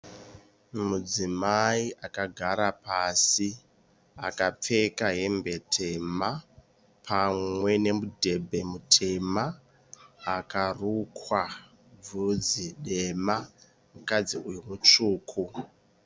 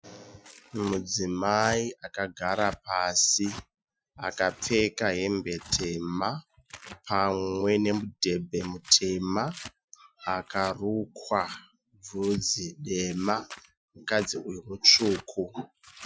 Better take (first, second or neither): first